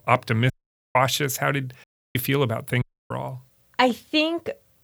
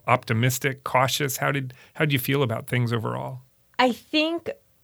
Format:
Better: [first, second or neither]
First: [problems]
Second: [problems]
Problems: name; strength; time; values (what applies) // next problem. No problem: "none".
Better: second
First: audio cutting out; at 0.5 s, at 2 s and at 3 s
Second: none